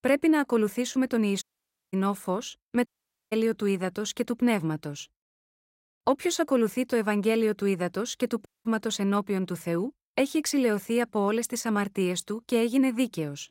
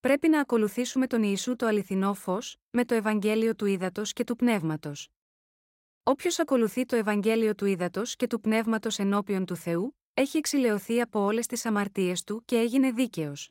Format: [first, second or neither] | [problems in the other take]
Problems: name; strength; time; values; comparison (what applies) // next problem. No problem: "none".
second | audio cutting out; at 1.5 s for 0.5 s, at 3 s and at 8.5 s